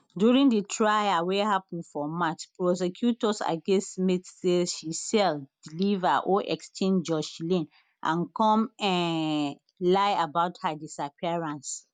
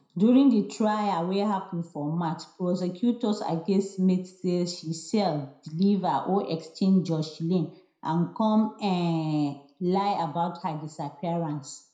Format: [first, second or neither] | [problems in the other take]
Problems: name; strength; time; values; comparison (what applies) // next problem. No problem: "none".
first | room echo; dies away in 0.4 s